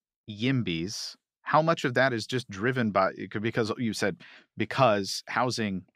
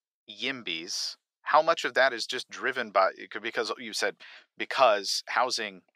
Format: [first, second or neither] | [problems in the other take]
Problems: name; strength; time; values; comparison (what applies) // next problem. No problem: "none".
first | thin; very; fading below 600 Hz